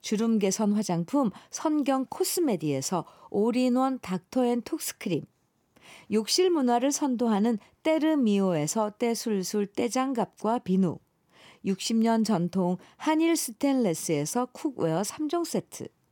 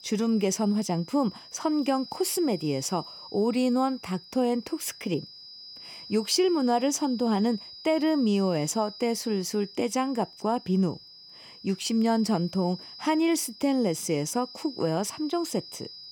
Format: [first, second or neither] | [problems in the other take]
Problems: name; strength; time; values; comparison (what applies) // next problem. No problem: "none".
first | high-pitched whine; noticeable; throughout; 5 kHz, 15 dB below the speech